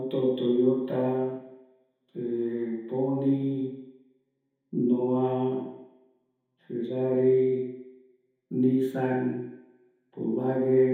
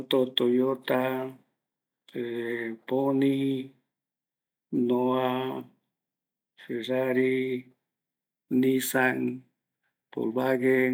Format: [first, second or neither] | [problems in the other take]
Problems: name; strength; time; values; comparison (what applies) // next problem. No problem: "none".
second | room echo; dies away in 0.9 s